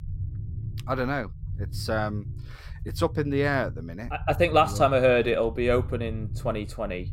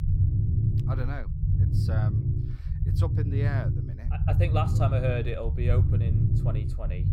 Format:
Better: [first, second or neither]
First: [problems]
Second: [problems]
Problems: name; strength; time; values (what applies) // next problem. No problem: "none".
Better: first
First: low rumble; faint; throughout; 25 dB below the speech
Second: low rumble; loud; throughout; 4 dB below the speech